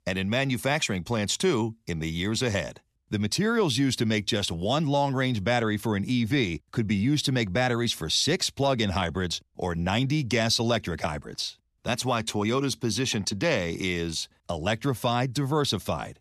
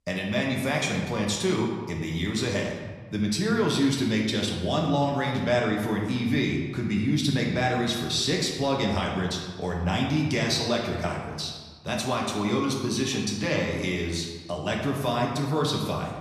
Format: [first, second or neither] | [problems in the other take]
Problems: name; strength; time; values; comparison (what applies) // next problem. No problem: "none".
first | room echo; noticeable; dies away in 1.1 s // off-mic speech; somewhat distant